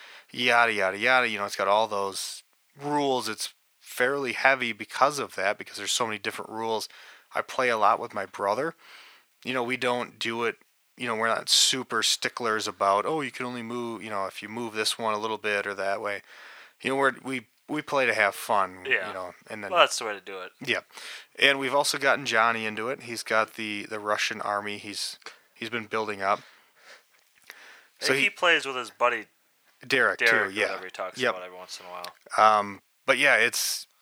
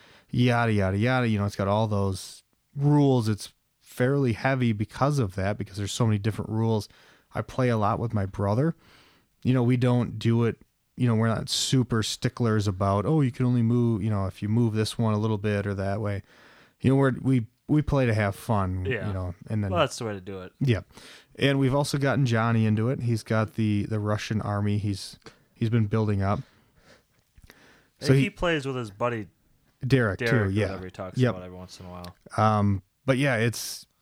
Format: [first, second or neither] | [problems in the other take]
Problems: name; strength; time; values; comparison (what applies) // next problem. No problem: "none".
second | thin; very; fading below 650 Hz